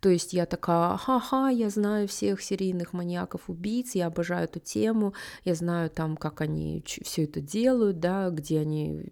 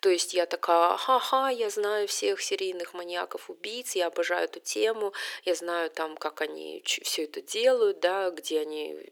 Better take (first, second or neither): first